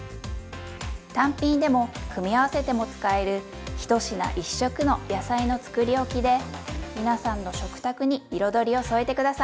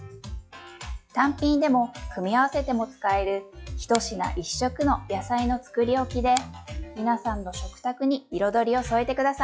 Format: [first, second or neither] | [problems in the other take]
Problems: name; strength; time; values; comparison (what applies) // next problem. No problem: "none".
first | noise reduction (classical method log-MMSE)